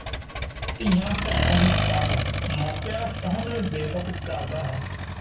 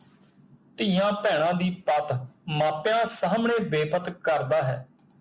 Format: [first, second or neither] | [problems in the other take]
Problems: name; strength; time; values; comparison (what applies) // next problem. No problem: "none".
second | background sound (Accelerating, revving, vroom); 1 dB above the speech // room echo; dies away in 0.2 s